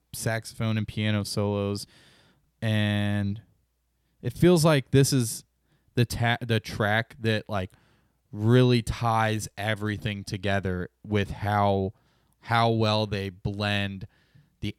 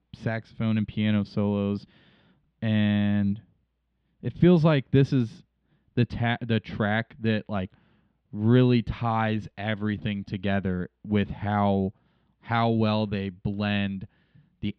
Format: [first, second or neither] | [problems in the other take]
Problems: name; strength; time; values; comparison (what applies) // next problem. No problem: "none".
first | muffled; slightly; fading above 3.5 kHz